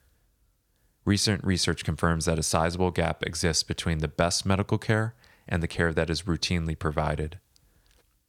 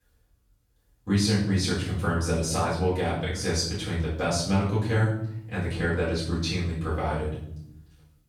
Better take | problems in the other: first | off-mic speech; far // room echo; noticeable; dies away in 0.7 s

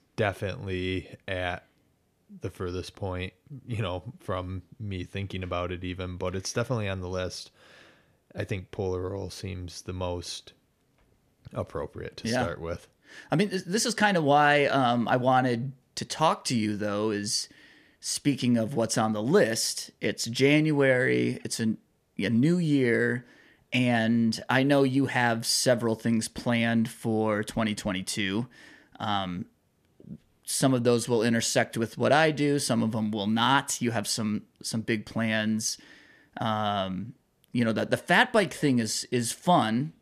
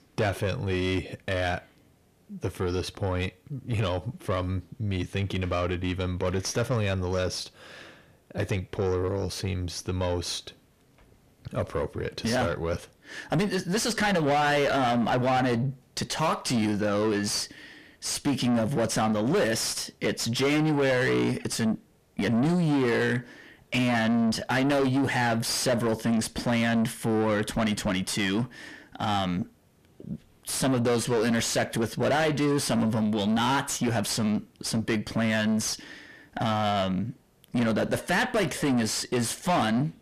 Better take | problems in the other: first | distortion; heavy; 6 dB below the speech

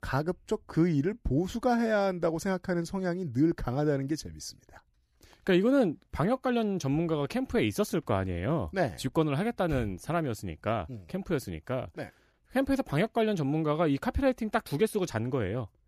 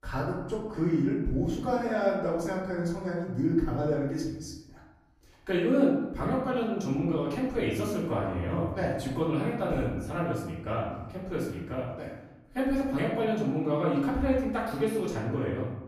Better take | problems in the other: first | room echo; noticeable; dies away in 0.9 s // off-mic speech; far

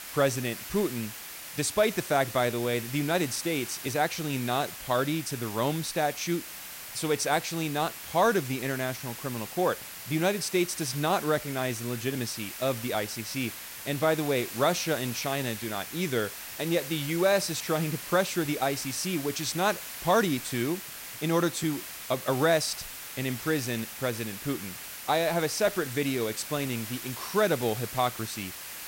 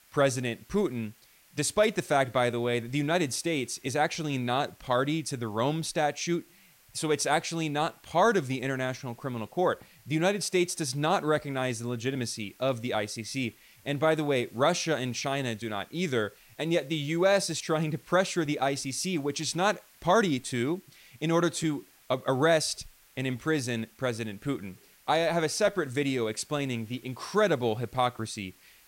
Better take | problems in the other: second | hiss; loud; throughout; 9 dB below the speech; faint in the second

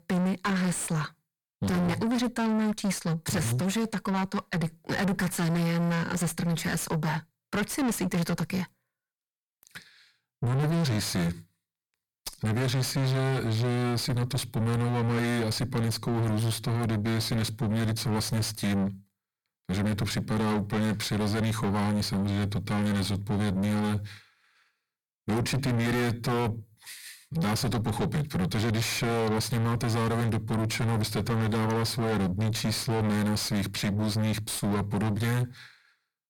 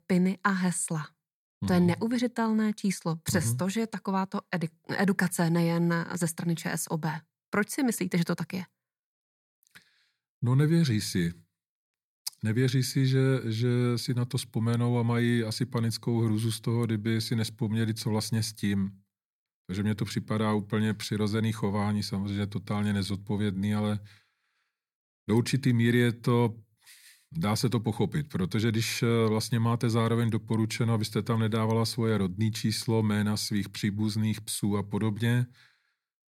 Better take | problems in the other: second | distortion; heavy; 5 dB below the speech

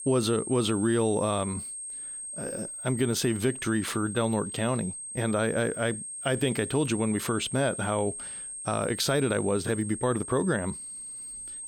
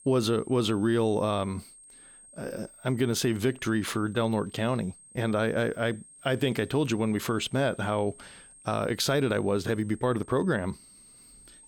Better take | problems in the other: second | high-pitched whine; loud; throughout; 8.5 kHz, 8 dB below the speech; faint in the second

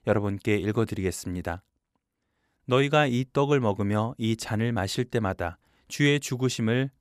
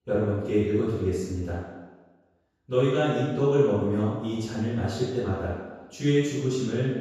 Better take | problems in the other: first | room echo; strong; dies away in 1.2 s // off-mic speech; far

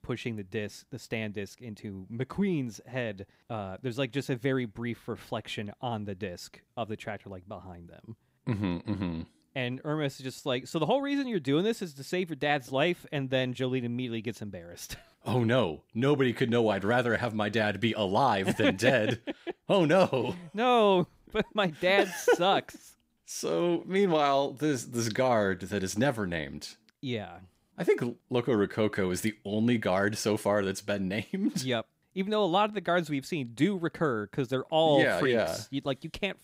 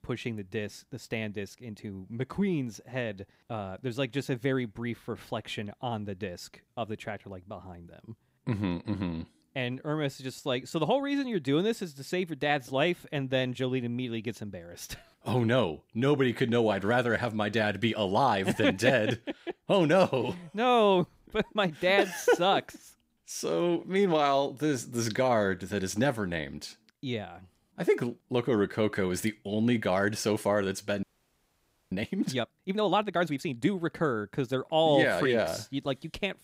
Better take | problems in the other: first | audio freezing; at 31 s for 1 s

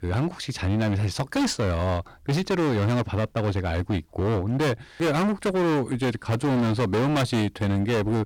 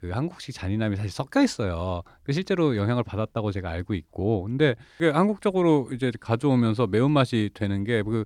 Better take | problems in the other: second | distortion; heavy; 27% of the sound clipped

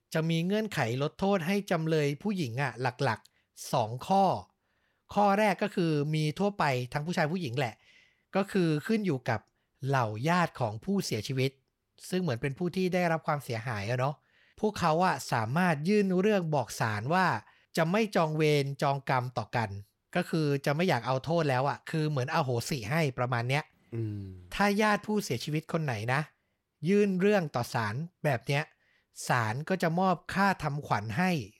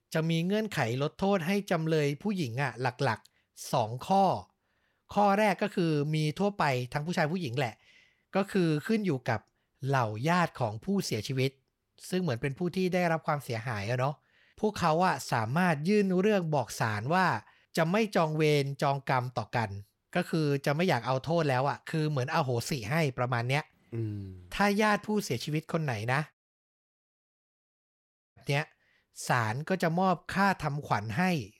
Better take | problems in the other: first | audio cutting out; at 26 s for 2 s

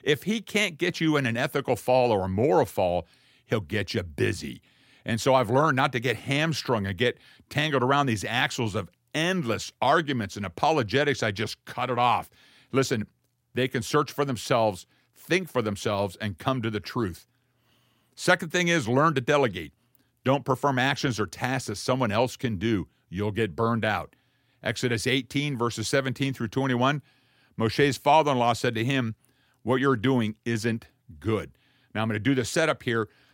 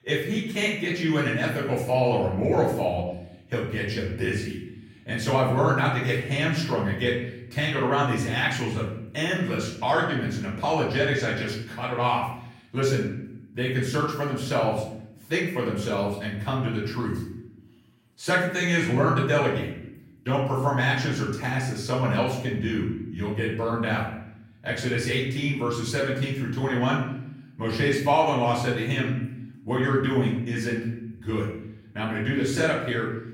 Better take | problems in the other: first | off-mic speech; far // room echo; noticeable; dies away in 0.8 s

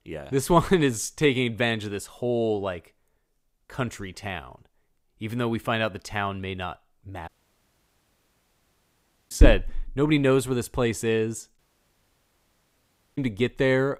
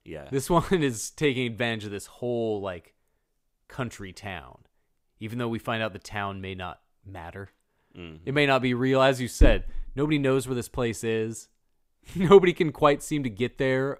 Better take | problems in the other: second | audio cutting out; at 7.5 s for 2 s and at 12 s for 1.5 s

